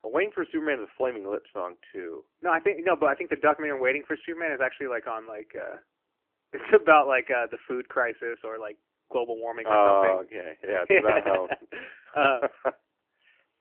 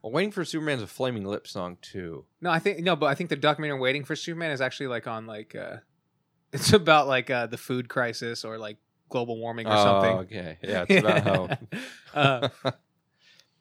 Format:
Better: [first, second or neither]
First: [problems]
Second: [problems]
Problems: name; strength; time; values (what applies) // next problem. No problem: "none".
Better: second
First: phone-call audio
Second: none